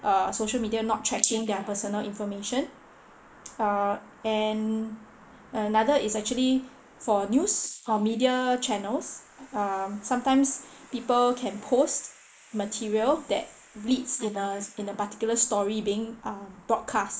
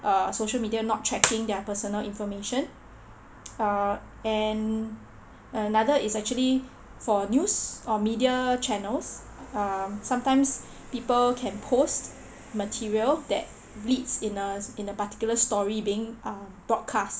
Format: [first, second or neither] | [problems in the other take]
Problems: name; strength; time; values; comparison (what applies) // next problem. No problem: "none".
second | noise reduction (neural mask model Resemble Enhance denoiser)